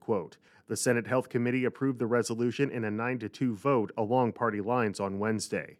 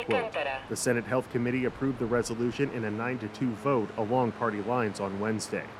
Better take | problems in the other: first | train or aircraft noise; loud; throughout; 10 dB below the speech

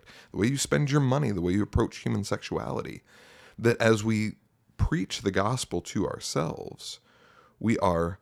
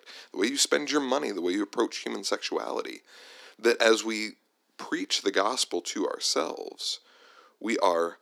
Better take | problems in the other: first | thin; somewhat; fading below 300 Hz

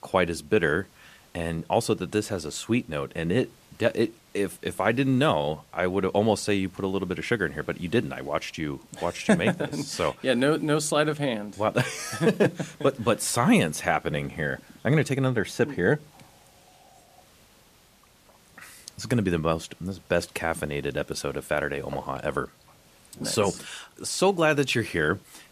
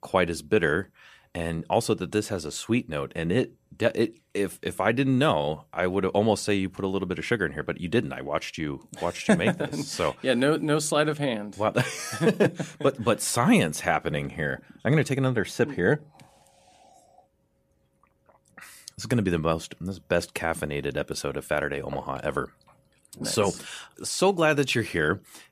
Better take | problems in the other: second | hiss; faint; throughout; 30 dB below the speech

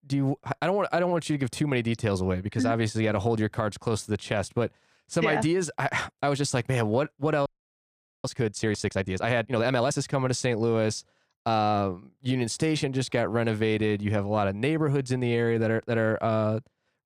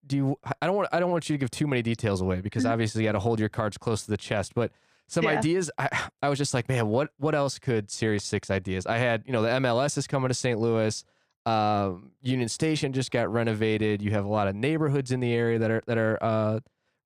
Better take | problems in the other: second | audio freezing; at 7.5 s for 1 s

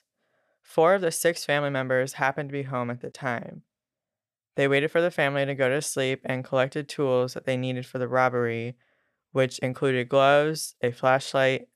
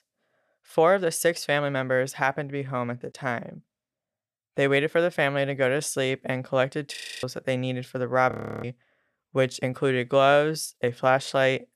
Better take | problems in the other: first | audio freezing; at 7 s and at 8.5 s

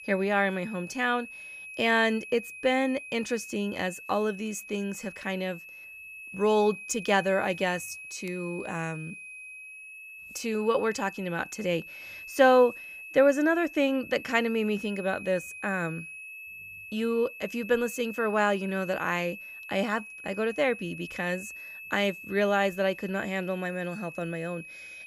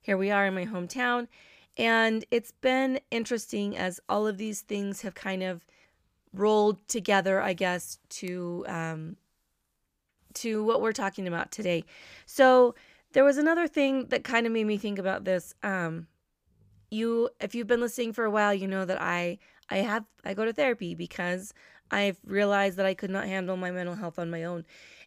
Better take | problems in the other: second | high-pitched whine; noticeable; throughout; 2.5 kHz, 15 dB below the speech

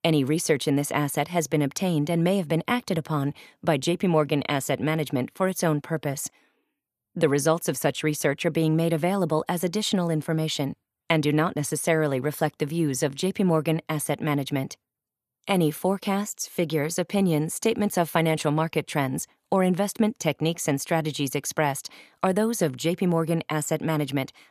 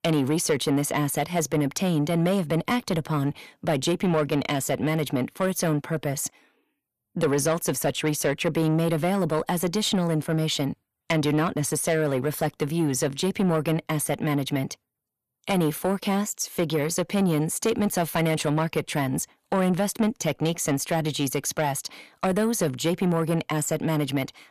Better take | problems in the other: first | distortion; slight; 10 dB below the speech

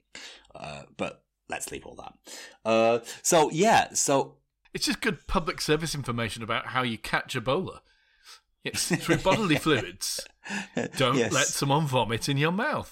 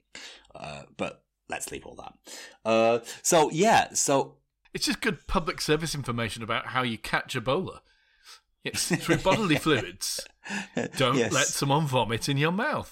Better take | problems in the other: neither | none

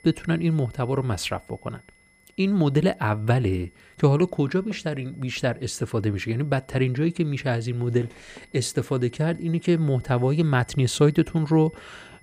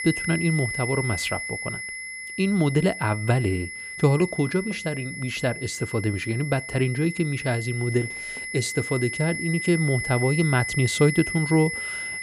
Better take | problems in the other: first | high-pitched whine; loud; throughout; 2 kHz, 6 dB below the speech; faint in the first

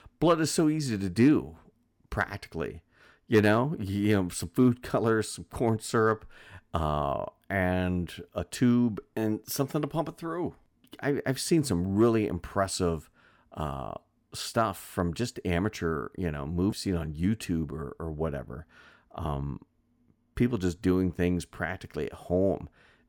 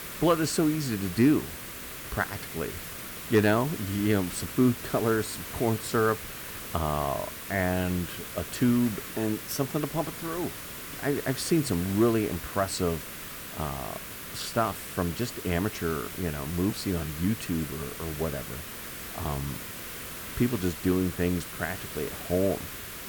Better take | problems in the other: first | hiss; loud; throughout; 8 dB below the speech

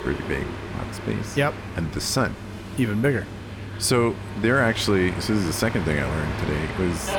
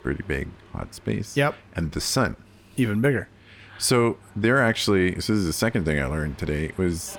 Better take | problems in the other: second | train or aircraft noise; loud; throughout; 8 dB below the speech; faint in the second

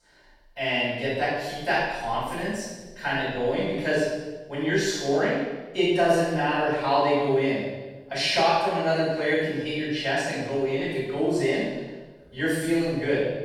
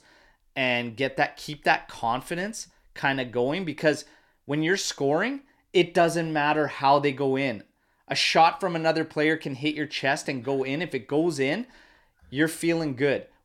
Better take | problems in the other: second | off-mic speech; far // room echo; strong; dies away in 1.1 s

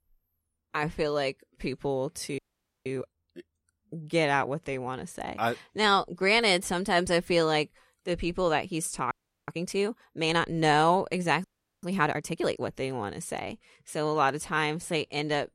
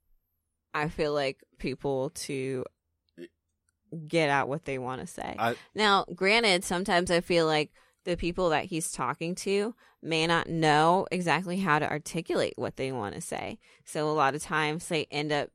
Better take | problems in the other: second | audio freezing; at 2.5 s, at 9 s and at 11 s

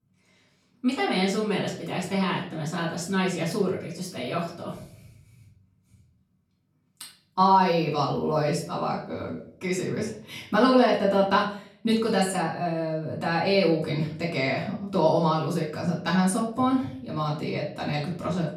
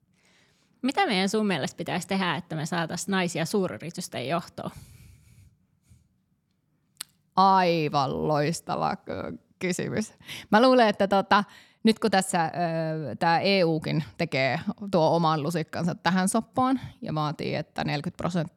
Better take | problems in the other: second | off-mic speech; far // room echo; slight; dies away in 0.4 s

